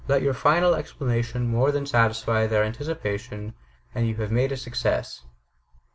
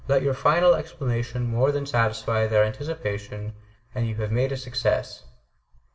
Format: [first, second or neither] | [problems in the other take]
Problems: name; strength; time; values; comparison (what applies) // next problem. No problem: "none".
first | room echo; dies away in 0.6 s